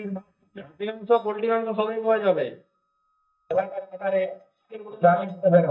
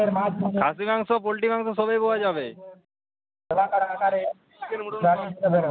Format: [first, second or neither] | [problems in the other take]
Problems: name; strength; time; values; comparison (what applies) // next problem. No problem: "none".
second | noise reduction (neural mask model DeepFilterNet 3)